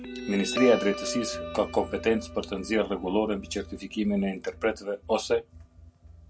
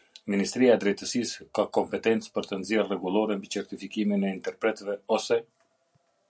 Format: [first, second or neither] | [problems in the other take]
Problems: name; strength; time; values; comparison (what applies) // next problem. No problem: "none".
second | background sound (Guitar); 10 dB below the speech